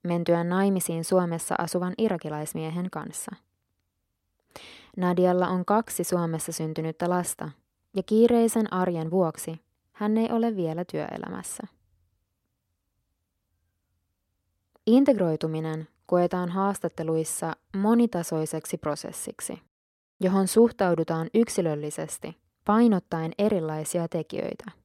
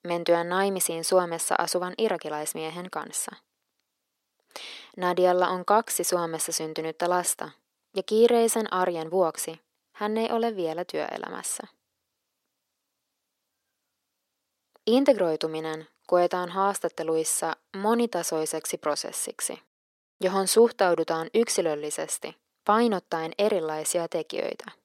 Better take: first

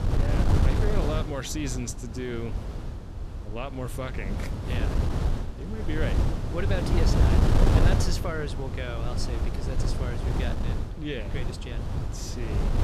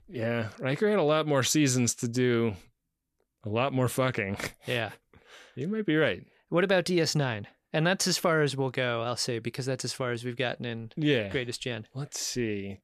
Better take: second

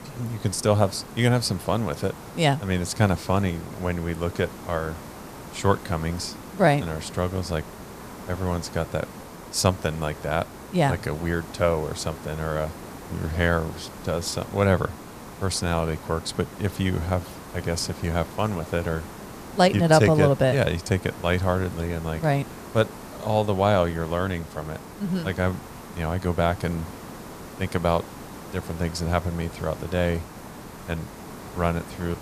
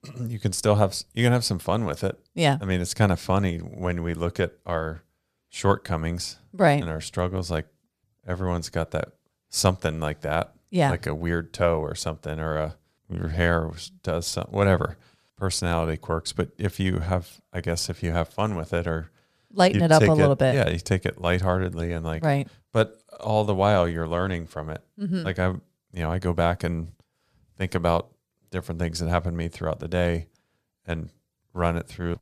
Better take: second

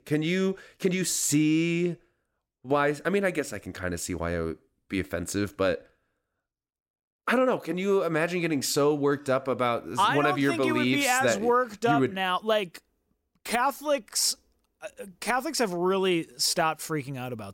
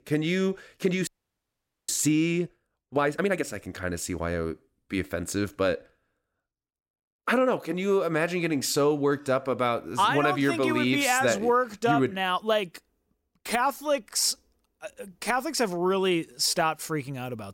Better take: first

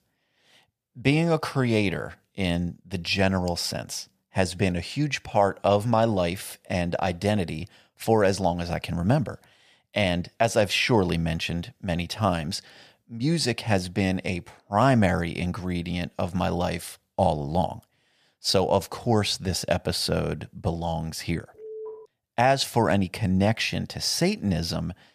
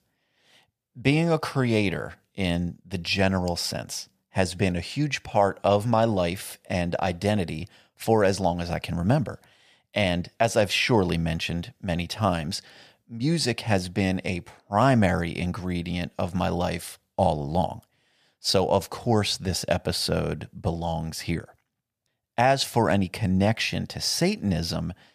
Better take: second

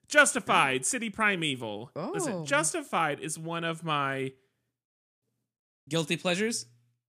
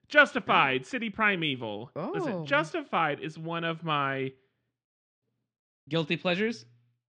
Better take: first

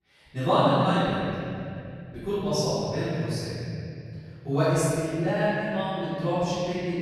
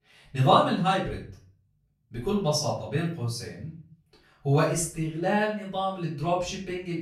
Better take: second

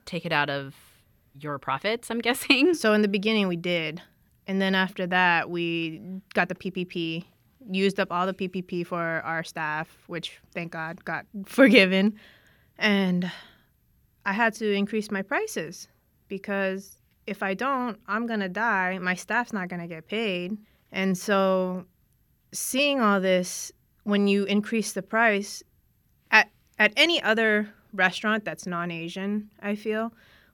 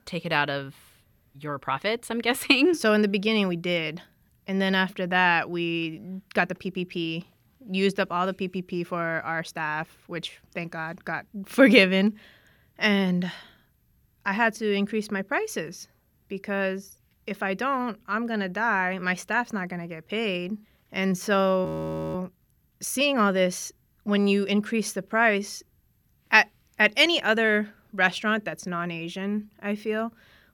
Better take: first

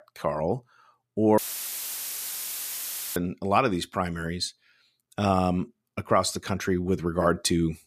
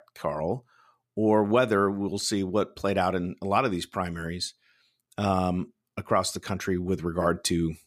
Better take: second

